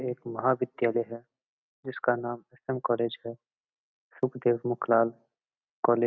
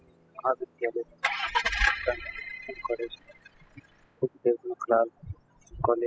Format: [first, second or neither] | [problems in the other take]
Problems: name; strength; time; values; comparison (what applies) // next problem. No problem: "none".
first | noise reduction (classical method spectral subtraction)